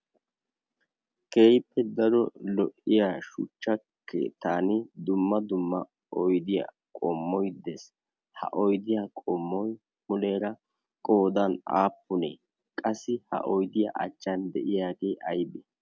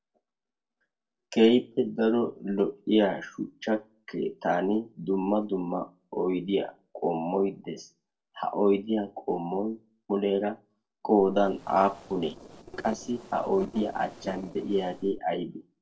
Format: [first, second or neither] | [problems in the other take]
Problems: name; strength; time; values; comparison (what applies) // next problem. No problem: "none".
first | noise reduction (neural separator model SepFormer DNS4)